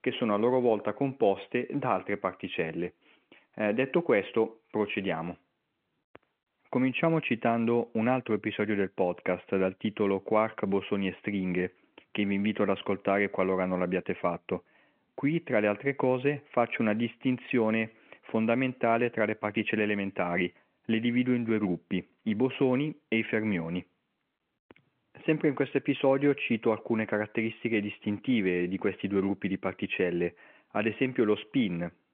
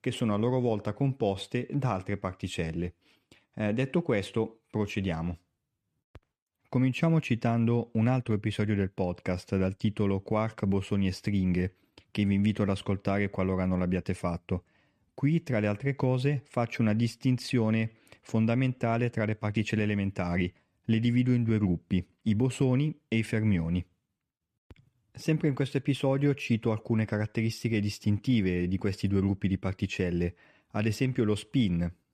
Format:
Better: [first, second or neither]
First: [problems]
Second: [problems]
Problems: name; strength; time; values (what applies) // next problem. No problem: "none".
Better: second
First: phone-call audio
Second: none